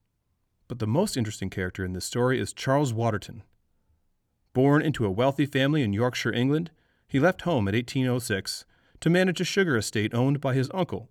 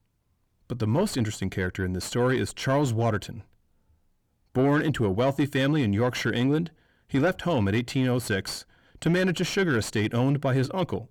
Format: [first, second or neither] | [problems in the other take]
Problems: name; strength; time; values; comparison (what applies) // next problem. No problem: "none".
first | distortion; slight; 10 dB below the speech